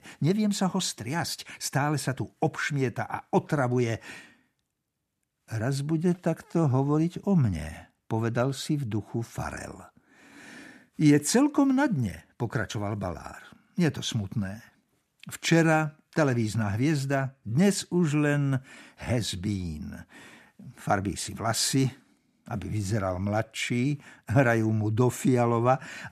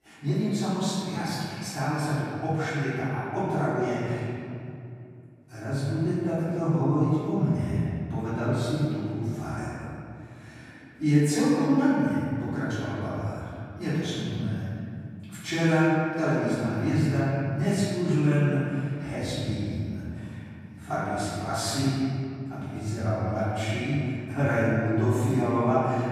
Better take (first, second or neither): first